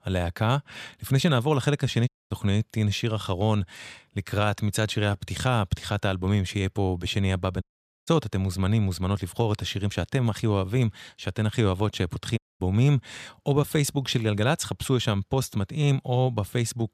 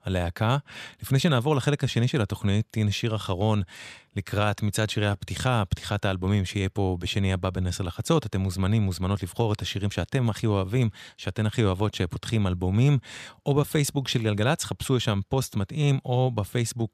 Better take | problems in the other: second | audio cutting out; at 2 s, at 7.5 s and at 12 s

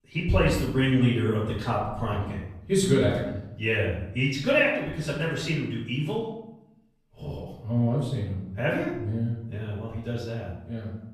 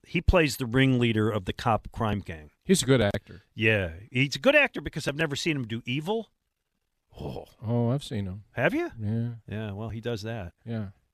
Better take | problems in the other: second | off-mic speech; far // room echo; noticeable; dies away in 0.8 s

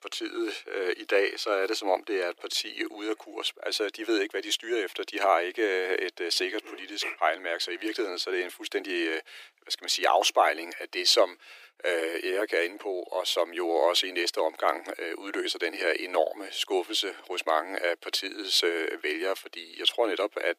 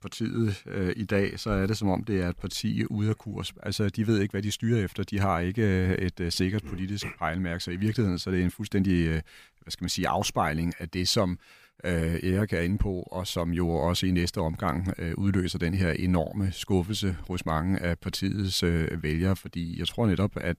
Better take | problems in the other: second | thin; very; fading below 300 Hz

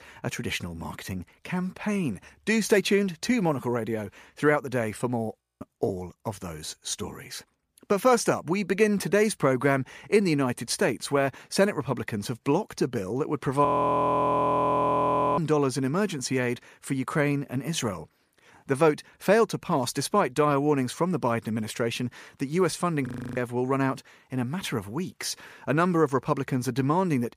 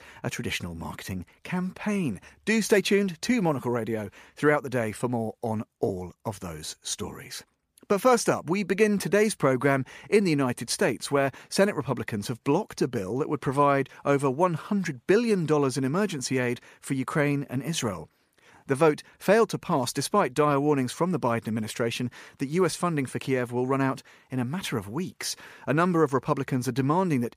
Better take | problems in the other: second | audio freezing; at 5.5 s, at 14 s for 1.5 s and at 23 s

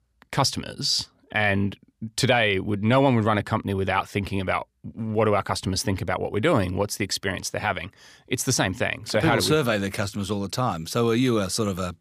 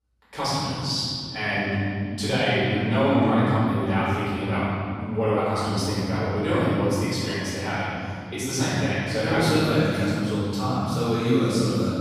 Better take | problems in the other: first | off-mic speech; far // room echo; strong; dies away in 2.7 s

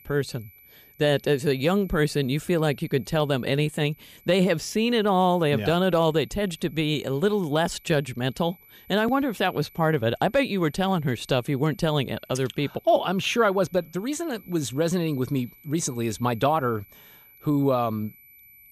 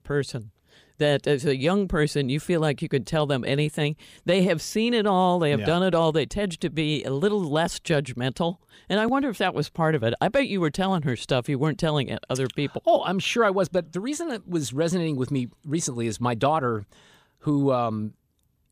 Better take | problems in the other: second | high-pitched whine; faint; throughout; 12 kHz, 25 dB below the speech

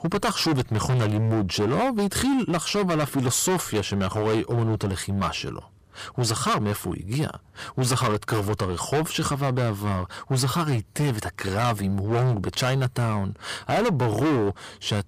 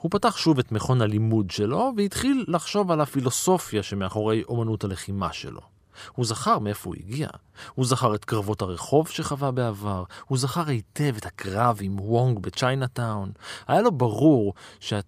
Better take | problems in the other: second | distortion; heavy; 19% of the sound clipped

